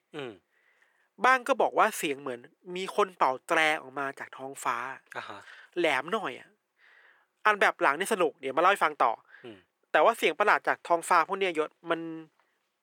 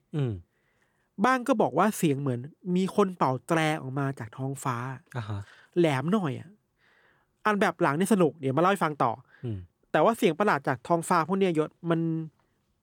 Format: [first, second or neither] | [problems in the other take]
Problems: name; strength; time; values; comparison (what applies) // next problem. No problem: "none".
second | thin; very; fading below 500 Hz